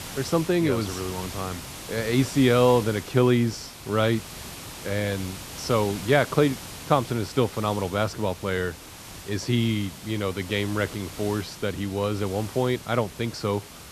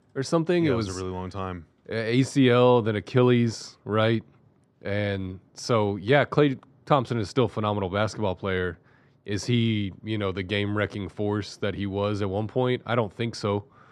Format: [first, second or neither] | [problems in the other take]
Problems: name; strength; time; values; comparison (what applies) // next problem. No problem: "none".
second | hiss; noticeable; throughout; 15 dB below the speech